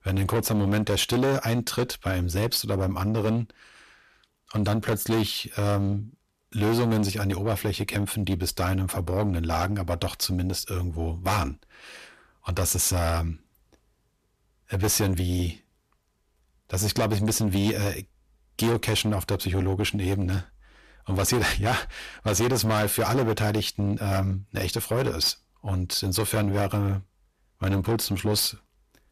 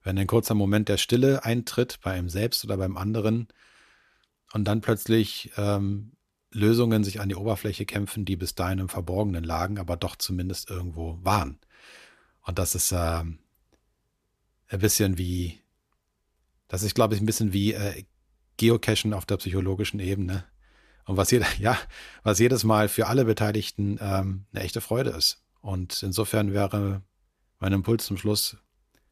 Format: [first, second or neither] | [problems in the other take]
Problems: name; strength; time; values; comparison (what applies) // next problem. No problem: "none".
second | distortion; heavy; 6 dB below the speech